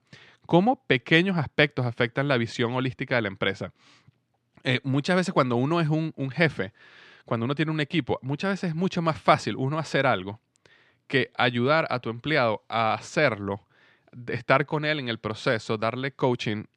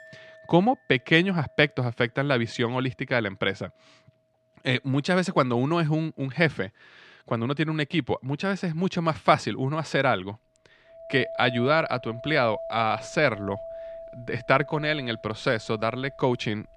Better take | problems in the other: first | household noises; noticeable; throughout; 15 dB below the speech

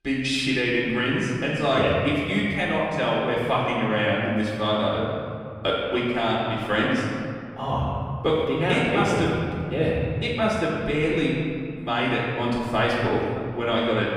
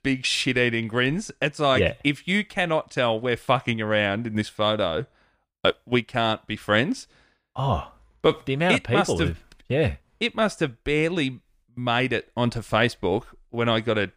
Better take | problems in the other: second | off-mic speech; far // room echo; noticeable; dies away in 2.2 s

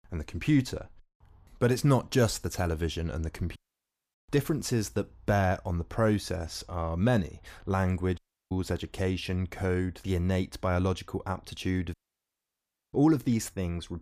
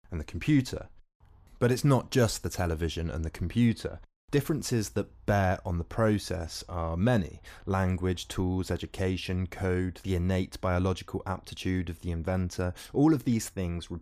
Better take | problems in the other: second | audio cutting out; at 3.5 s for 0.5 s, at 8 s and at 12 s for 1 s

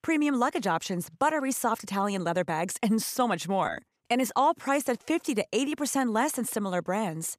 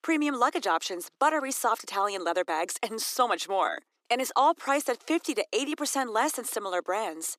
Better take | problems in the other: first | thin; somewhat; fading below 300 Hz

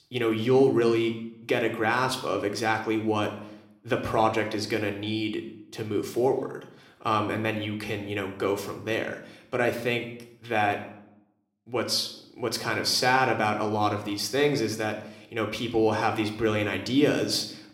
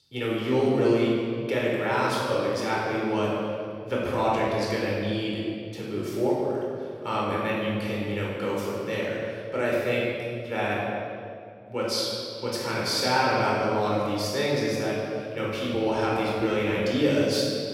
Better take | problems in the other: first | room echo; strong; dies away in 2.2 s; slight in the first // off-mic speech; far

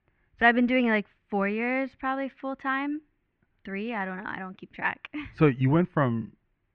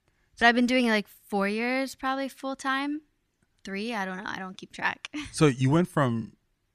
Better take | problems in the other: second | muffled; very; fading above 2.5 kHz

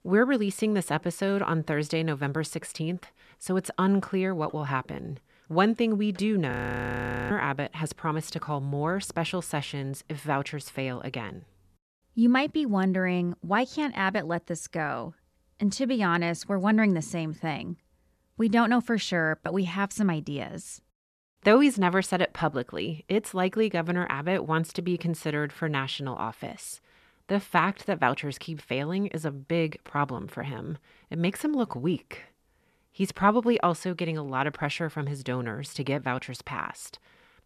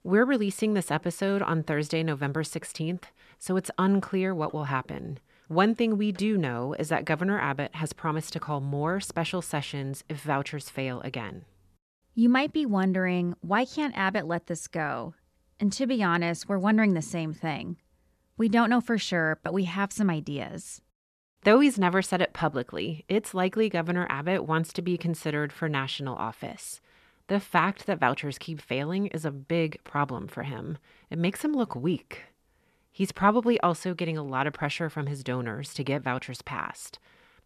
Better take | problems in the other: second | audio freezing; at 6.5 s for 1 s

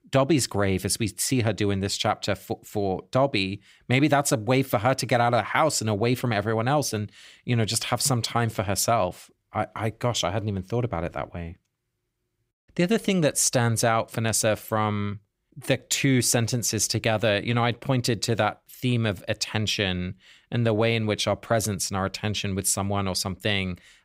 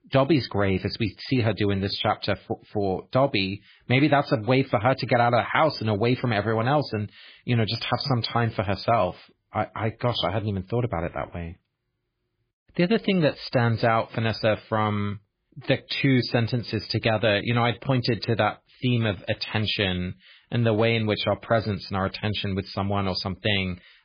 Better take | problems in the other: first | garbled, watery; badly; nothing above 5 kHz

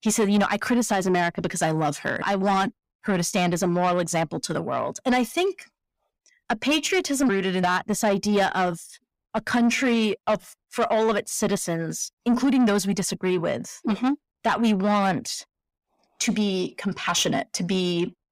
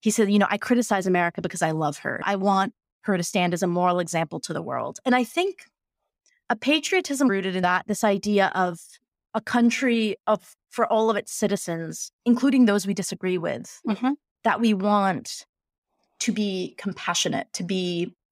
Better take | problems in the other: second | distortion; slight; 10 dB below the speech

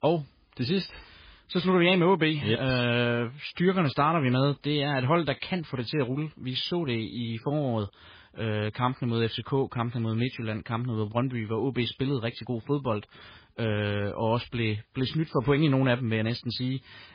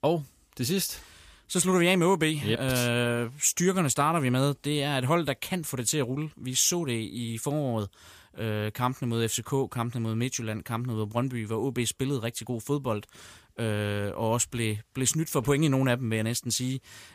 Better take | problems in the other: second | garbled, watery; badly

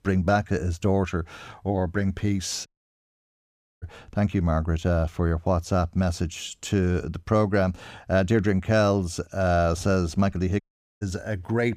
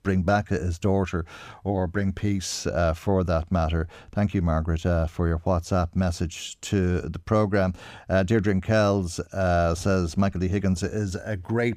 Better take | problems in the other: second | audio cutting out; at 2.5 s for 1 s and at 11 s

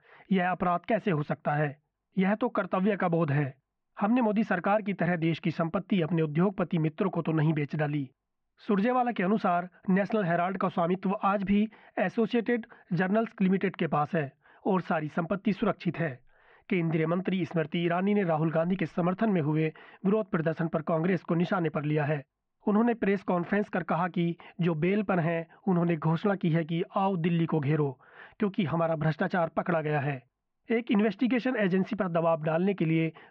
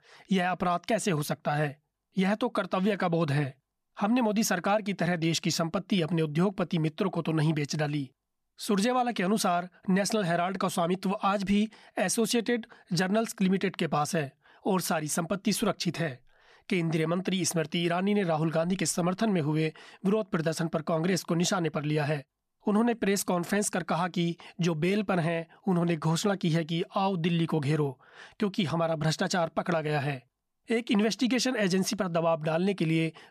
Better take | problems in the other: second | muffled; very; fading above 2.5 kHz

